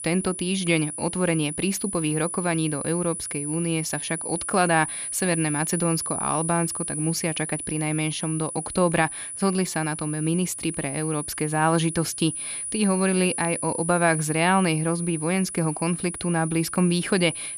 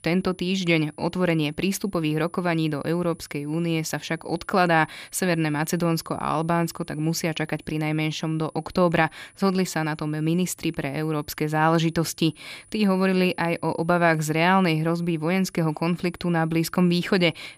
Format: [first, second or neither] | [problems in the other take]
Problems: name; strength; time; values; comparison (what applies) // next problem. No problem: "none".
second | high-pitched whine; loud; throughout; 10 kHz, 5 dB below the speech; faint in the second